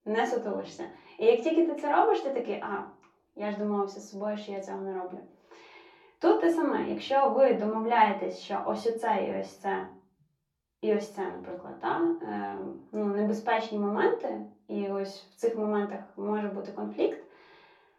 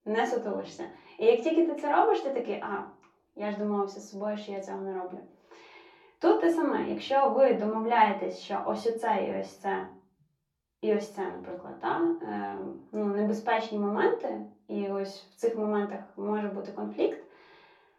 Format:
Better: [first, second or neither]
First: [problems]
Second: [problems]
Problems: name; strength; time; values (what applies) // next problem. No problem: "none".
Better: neither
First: room echo; slight; dies away in 0.4 s // off-mic speech; far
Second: room echo; slight; dies away in 0.4 s // off-mic speech; far